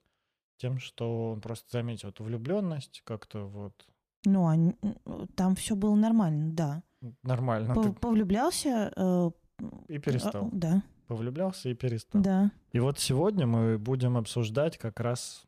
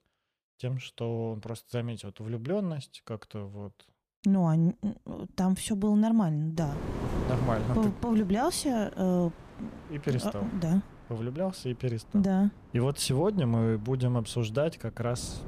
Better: first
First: none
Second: wind noise on the microphone; heavy; from 6.5 s on; 10 dB below the speech

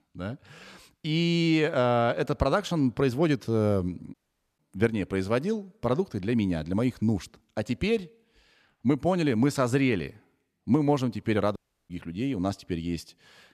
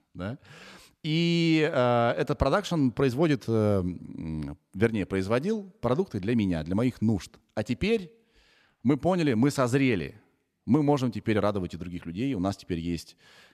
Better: second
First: audio cutting out; at 4 s and at 12 s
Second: none

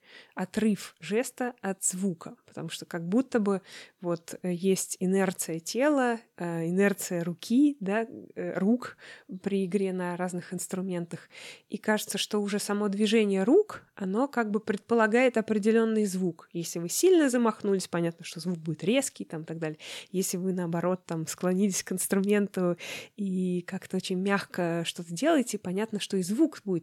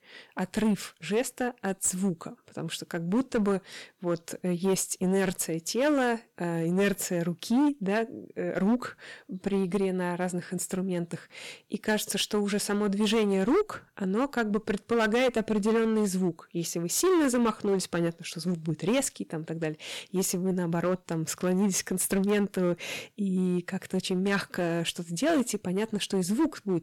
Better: first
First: none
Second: distortion; slight; 8% of the sound clipped

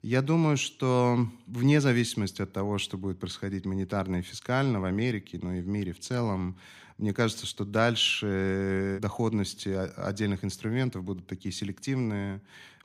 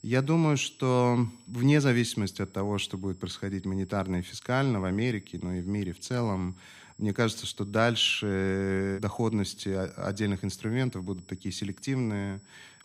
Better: first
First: none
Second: high-pitched whine; faint; throughout; 8 kHz, 30 dB below the speech

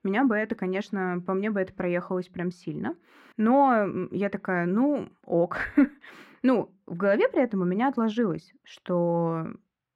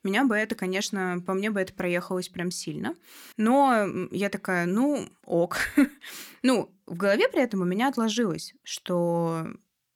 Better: second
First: muffled; very; fading above 3.5 kHz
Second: none

